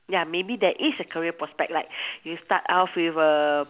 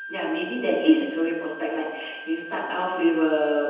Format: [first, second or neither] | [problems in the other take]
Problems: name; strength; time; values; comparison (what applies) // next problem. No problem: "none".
first | background sound (Wind instrument, woodwind instrument); 14 dB below the speech // room echo; dies away in 1.1 s